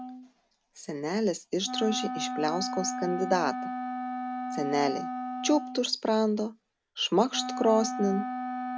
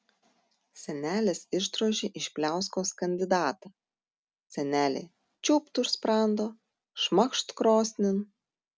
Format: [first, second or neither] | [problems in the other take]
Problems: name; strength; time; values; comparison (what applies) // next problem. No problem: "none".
second | background sound (Wind instrument, woodwind instrument); 6 dB below the speech